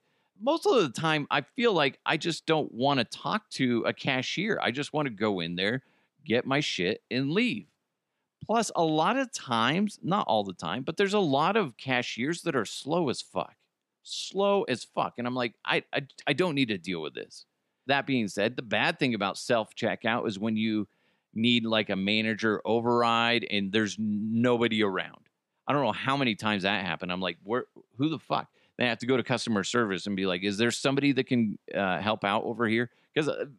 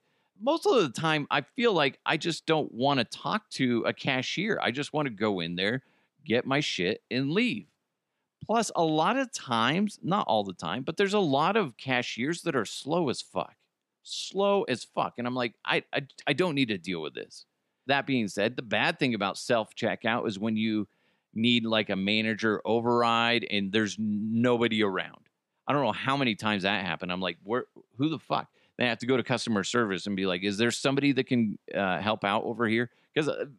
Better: neither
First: none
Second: none

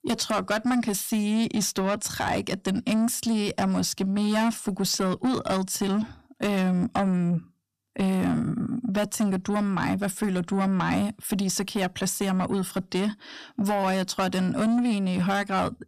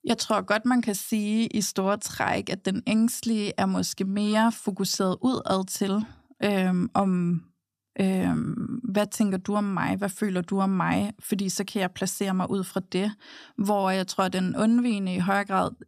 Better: second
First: distortion; slight; 10 dB below the speech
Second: none

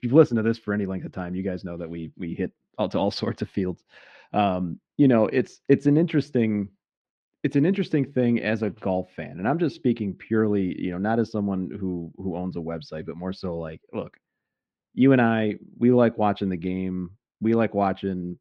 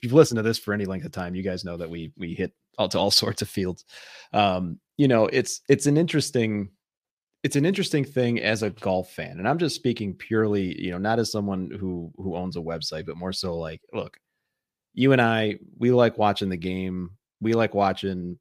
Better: second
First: muffled; slightly; fading above 2.5 kHz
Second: none

